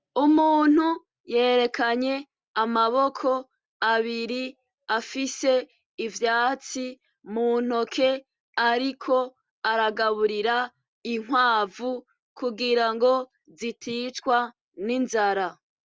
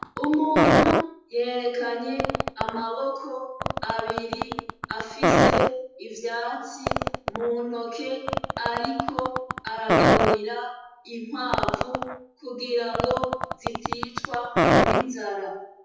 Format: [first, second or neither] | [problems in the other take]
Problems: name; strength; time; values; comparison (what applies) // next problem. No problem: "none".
first | noise reduction (classical method WPE with log-MMSE)